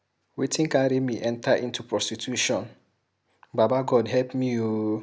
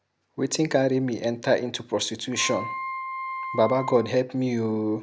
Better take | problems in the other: first | background sound (Wind instrument, woodwind instrument); 9 dB below the speech

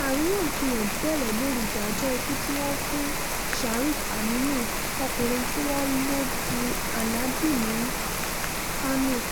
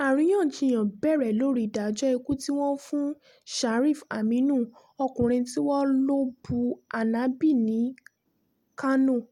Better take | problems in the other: second | background sound (Rain); 1 dB above the speech

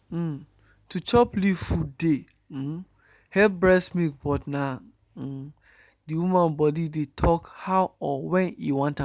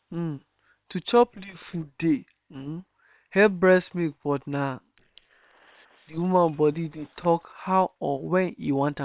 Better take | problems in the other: first | noise reduction (neural separator model SepFormer WHAM!)

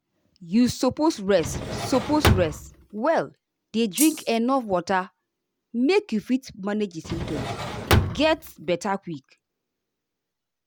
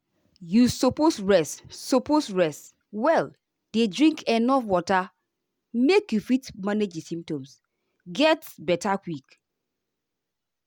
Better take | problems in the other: second | background sound (Rattle (instrument) + Drawer open or close); 1 dB below the speech

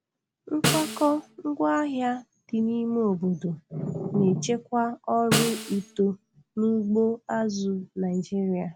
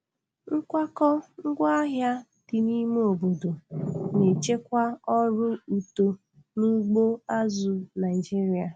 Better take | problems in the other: second | background sound (Snare drum); 5 dB below the speech

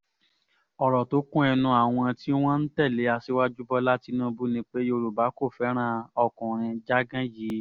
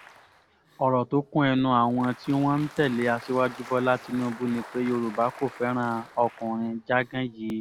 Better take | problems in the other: first | background sound (Applause); 20 dB below the speech

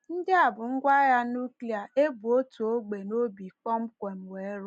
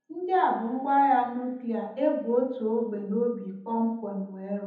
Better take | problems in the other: first | room echo; dies away in 1 s

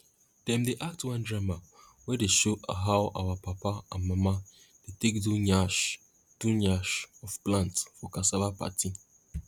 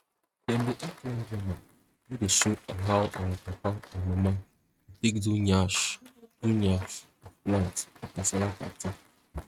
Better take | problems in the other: first | noise reduction (neural mask model RNNoise)

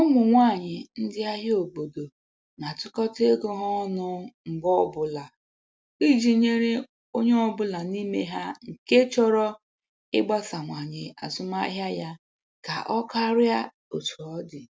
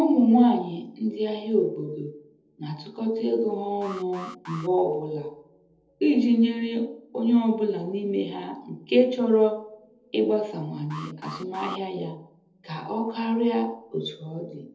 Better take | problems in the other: first | noise reduction (neural separator model SepFormer DNS4)

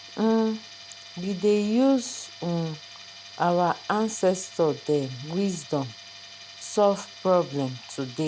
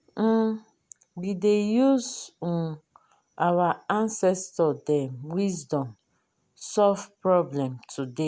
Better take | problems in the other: second | background sound (Tools); 18 dB below the speech

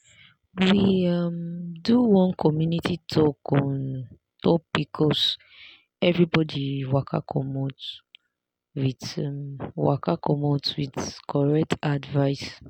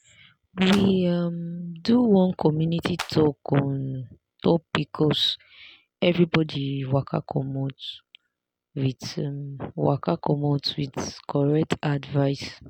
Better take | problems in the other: first | background sound (Clapping); 12 dB below the speech

